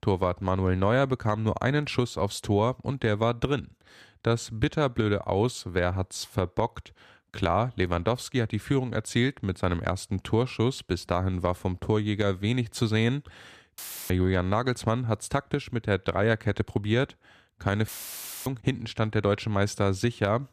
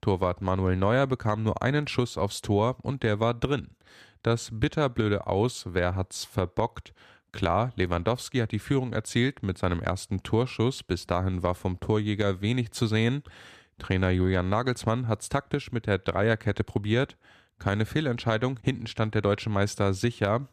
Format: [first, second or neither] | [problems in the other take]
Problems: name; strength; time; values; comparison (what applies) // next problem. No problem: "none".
second | audio cutting out; filled with static; at 14 s and at 18 s for 0.5 s